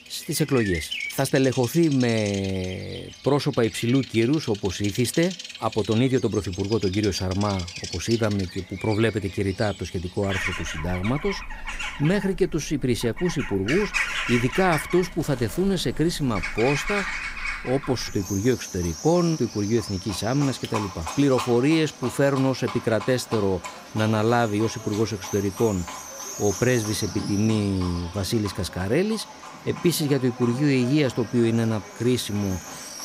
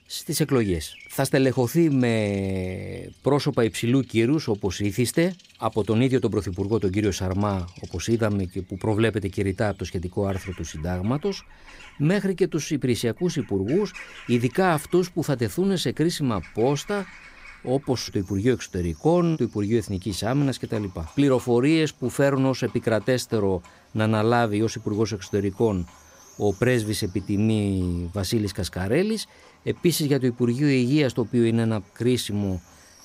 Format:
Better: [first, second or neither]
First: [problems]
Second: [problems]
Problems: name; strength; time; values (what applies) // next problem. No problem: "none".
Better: second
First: animal sounds; loud; throughout; 9 dB below the speech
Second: animal sounds; faint; throughout; 25 dB below the speech